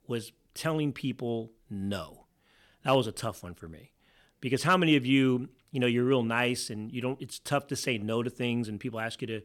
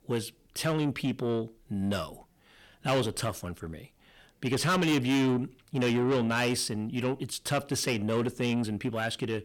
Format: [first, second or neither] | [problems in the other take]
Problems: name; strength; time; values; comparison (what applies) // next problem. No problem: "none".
first | distortion; heavy; 8 dB below the speech